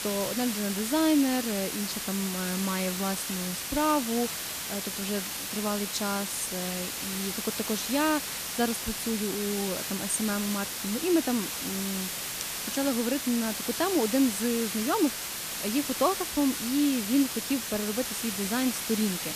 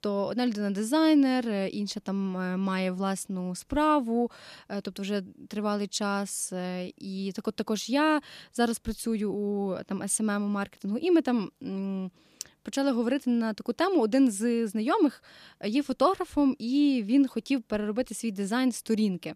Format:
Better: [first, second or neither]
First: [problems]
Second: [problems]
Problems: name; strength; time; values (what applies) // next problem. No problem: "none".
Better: second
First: hiss; loud; throughout; 2 dB below the speech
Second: none